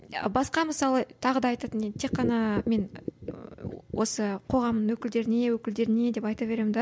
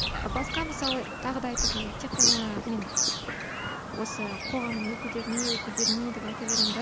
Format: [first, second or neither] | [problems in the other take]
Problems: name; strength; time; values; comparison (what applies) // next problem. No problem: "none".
first | background sound (Bird vocalization, bird call, bird song); 3 dB above the speech